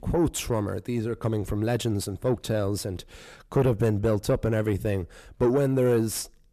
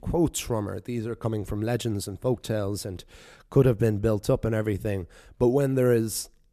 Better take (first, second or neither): second